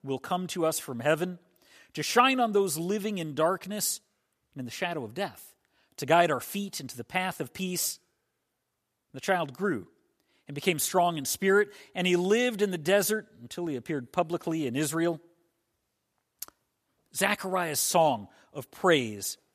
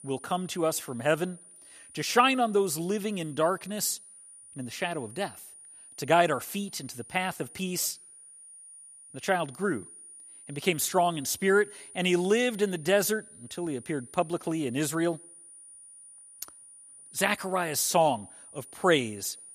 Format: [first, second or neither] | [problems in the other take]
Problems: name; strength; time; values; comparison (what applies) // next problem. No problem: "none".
first | high-pitched whine; noticeable; throughout; 9.5 kHz, 20 dB below the speech